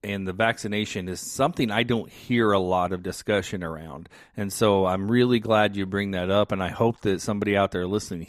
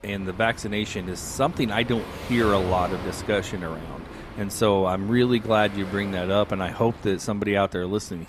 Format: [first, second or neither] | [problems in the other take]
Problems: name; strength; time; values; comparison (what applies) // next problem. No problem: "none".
first | rain or running water; noticeable; throughout; 15 dB below the speech